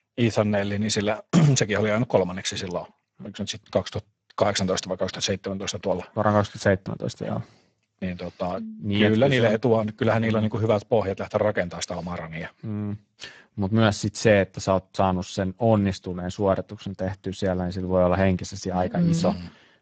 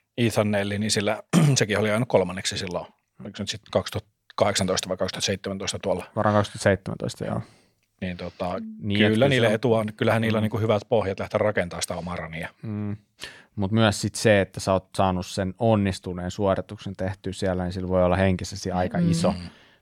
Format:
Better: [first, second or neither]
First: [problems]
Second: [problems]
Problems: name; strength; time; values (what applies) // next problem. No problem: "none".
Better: second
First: garbled, watery; badly; nothing above 7.5 kHz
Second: none